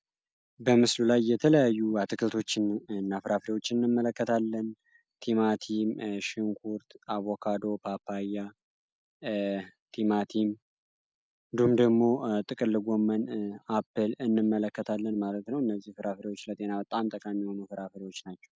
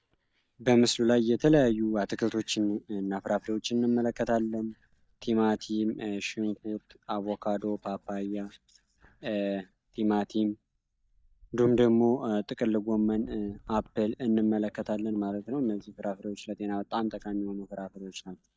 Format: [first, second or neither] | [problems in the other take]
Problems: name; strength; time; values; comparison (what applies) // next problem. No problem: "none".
first | noise reduction (neural mask model DeepFilterNet 3)